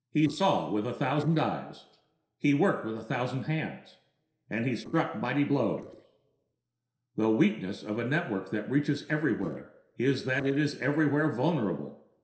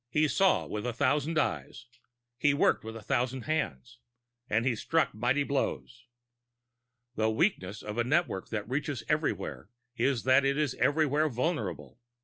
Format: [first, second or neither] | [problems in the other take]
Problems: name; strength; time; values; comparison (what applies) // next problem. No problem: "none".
second | noise reduction (neural separator model SepFormer DNS4)